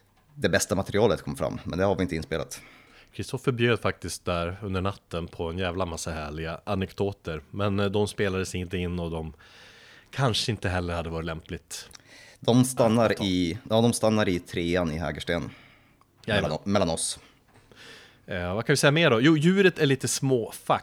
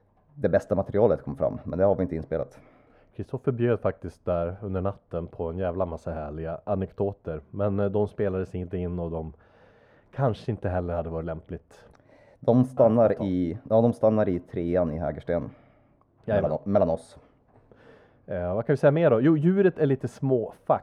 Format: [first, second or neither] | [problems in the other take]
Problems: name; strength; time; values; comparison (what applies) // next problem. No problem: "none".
first | muffled; very; fading above 2 kHz